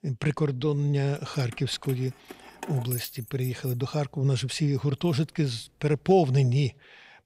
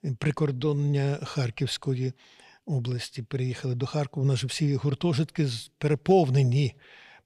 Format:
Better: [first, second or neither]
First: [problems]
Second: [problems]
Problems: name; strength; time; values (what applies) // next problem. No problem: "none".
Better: second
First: jangling keys; noticeable; from 1 to 5.5 s; peak 8 dB below the speech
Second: none